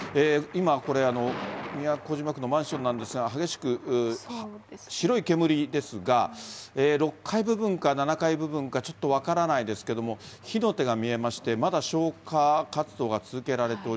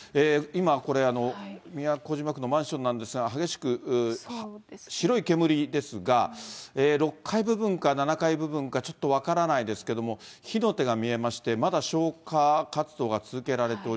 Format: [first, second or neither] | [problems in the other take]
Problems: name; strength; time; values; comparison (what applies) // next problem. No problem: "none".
second | background sound (Thunder); 19 dB below the speech